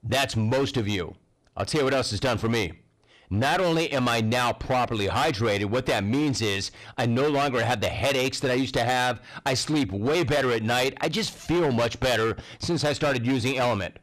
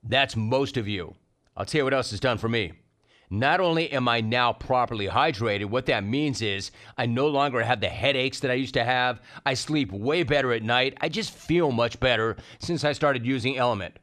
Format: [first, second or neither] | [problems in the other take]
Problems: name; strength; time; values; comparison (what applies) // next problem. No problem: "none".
second | distortion; heavy; 17% of the sound clipped